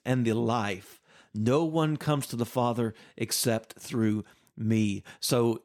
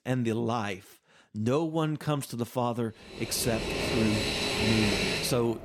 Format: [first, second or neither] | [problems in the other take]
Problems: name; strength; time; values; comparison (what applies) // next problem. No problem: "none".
first | train or aircraft noise; very loud; from 3.5 s on; 1 dB above the speech